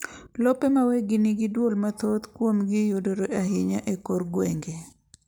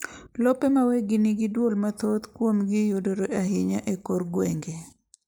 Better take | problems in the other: first | noise reduction (neural mask model Resemble Enhance denoiser)

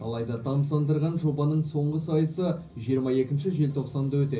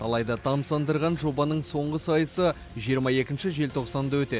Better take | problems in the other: second | room echo; dies away in 0.5 s

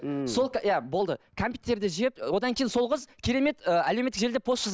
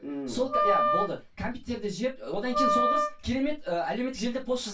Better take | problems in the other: first | background sound (Wind instrument, woodwind instrument); 2 dB above the speech // room echo; dies away in 0.2 s

